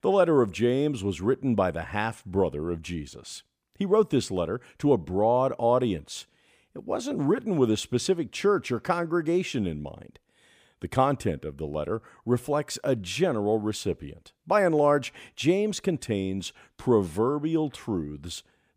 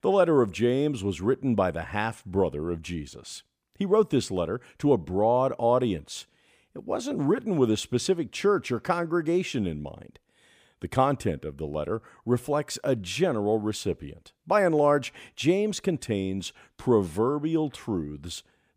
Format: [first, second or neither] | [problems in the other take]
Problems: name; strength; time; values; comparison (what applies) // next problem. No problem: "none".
neither | none